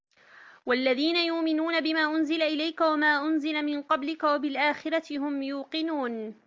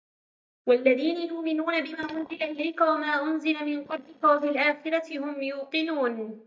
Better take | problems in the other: first | noise reduction (neural mask model DeepFilterNet 3)

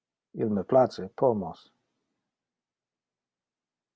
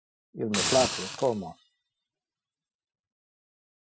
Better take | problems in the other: first | noise reduction (classical method Wiener filter)

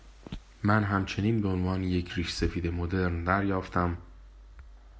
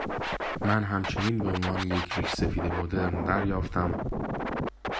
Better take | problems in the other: first | background sound (Scratching (performance technique)); 2 dB below the speech

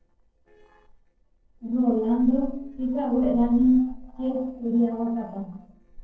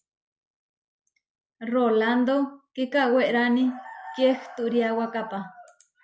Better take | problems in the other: second | noise reduction (neural separator model SepFormer DNS4)

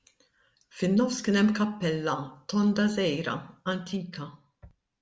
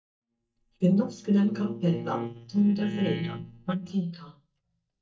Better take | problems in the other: first | noise reduction (neural mask model DeepFilterNet 3)

